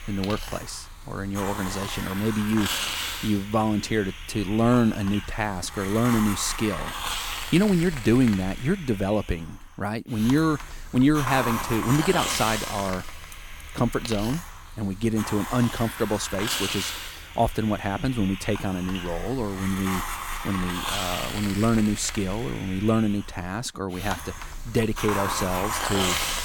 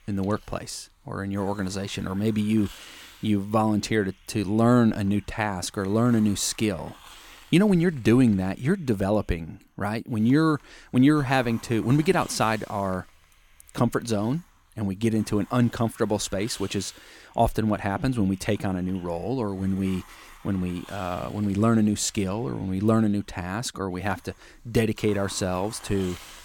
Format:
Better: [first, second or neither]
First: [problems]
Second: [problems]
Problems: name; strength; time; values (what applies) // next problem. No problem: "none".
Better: second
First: hiss; loud; throughout; 6 dB below the speech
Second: hiss; faint; throughout; 25 dB below the speech